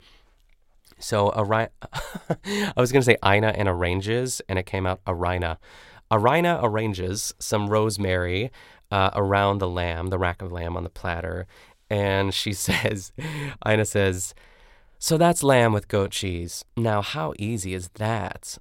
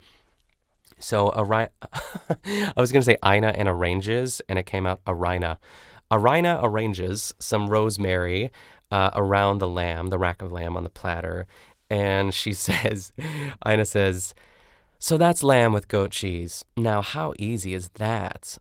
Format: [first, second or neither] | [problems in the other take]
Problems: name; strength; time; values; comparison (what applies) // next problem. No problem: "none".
first | garbled, watery; slightly; nothing above 16 kHz